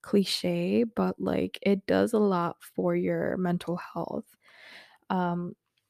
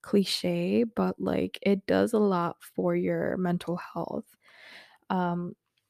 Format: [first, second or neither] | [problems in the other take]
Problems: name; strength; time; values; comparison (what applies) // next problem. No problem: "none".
neither | none